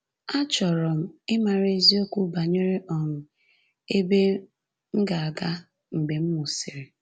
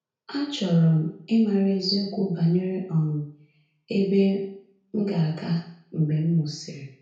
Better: first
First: none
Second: room echo; dies away in 0.6 s

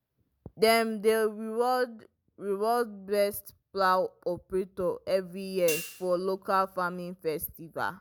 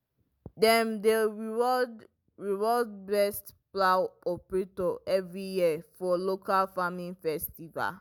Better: second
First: background sound (Hi-hat); 12 dB below the speech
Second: none

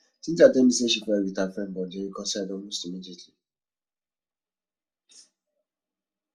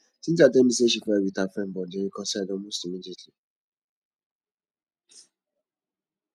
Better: second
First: room echo; dies away in 0.2 s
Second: none

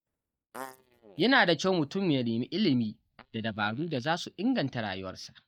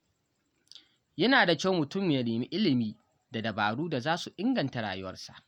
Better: second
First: noise reduction (neural mask model DeepFilterNet 3)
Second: none

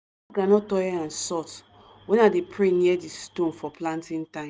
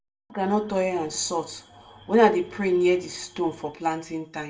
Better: first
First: none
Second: room echo; dies away in 0.3 s

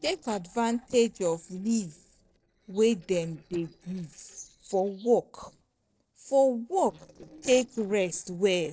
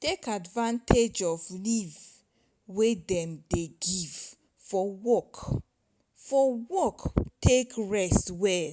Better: second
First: noise reduction (neural separator model SepFormer DNS4)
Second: none

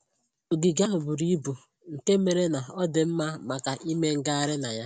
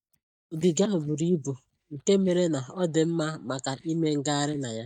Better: first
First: none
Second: noise reduction (neural mask model DeepFilterNet 3)

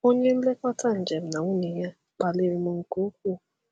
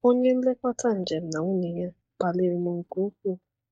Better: first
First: none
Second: noise reduction (neural mask model DeepFilterNet 3)

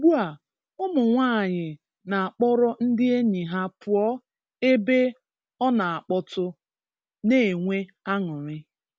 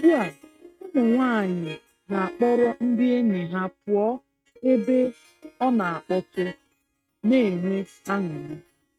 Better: first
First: none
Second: noise reduction (neural mask model RNNoise)

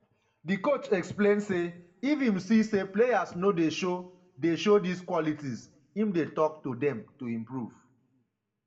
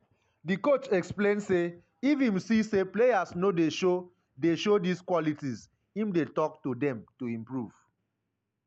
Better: second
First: room echo; dies away in 0.4 s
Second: none

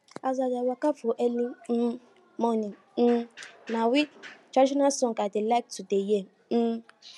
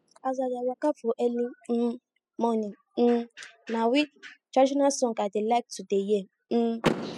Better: first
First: none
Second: noise reduction (classical method spectral subtraction)

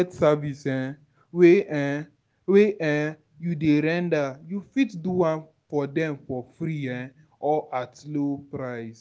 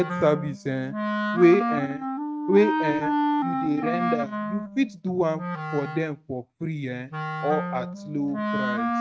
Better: first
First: none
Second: noise reduction (neural mask model RNNoise)

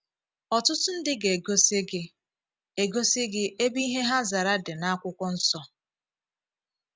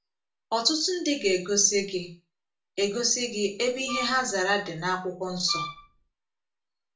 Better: first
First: none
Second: background sound (Wind instrument, woodwind instrument); 8 dB below the speech // room echo; dies away in 0.3 s

